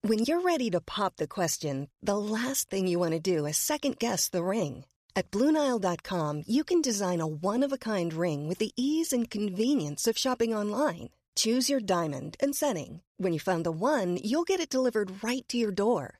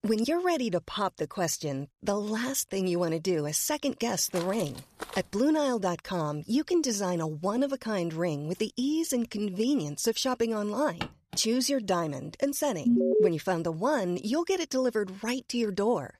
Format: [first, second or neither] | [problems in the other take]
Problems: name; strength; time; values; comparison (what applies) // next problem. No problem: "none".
first | footsteps; faint; at 4.5 s; peak 10 dB below the speech // footsteps; noticeable; at 11 s; peak 10 dB below the speech // alarm; loud; at 13 s; peak 6 dB above the speech